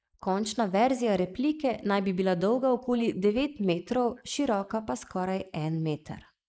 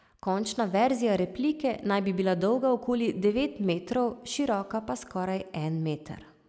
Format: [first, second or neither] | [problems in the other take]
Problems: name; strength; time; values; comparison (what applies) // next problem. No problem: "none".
second | noise reduction (neural mask model Resemble Enhance denoiser)